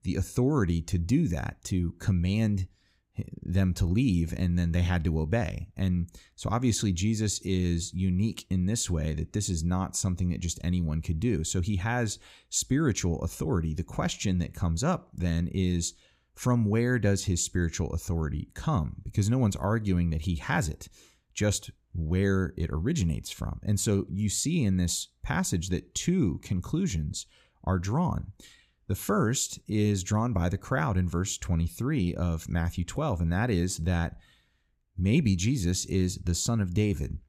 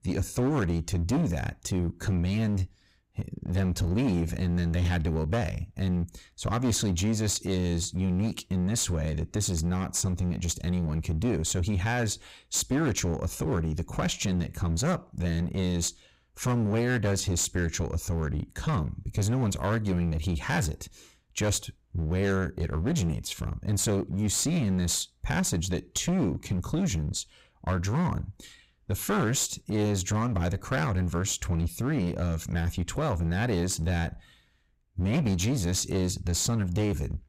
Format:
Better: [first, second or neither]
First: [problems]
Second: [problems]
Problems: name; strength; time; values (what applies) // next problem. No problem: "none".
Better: first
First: none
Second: distortion; heavy; 15% of the sound clipped